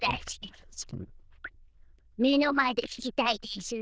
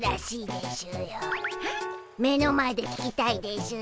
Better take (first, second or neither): second